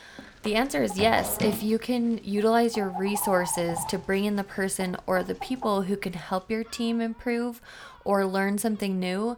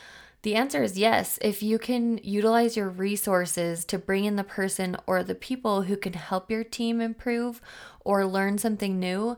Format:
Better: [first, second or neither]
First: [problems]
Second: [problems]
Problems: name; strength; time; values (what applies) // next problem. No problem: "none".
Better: second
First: animal sounds; loud; throughout; 10 dB below the speech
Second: none